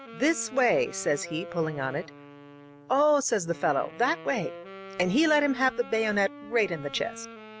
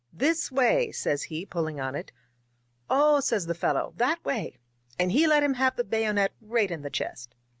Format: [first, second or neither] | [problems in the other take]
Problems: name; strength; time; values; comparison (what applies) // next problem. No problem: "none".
second | background sound (Wind instrument, woodwind instrument); 16 dB below the speech